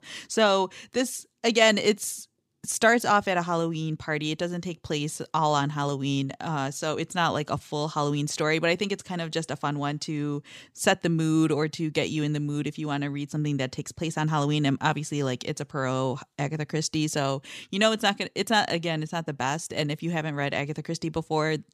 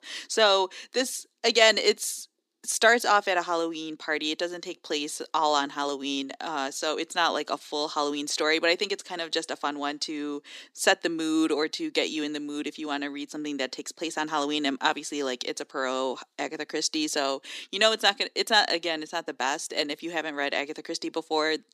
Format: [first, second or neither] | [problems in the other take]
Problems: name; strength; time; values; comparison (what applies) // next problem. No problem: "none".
first | thin; somewhat; fading below 300 Hz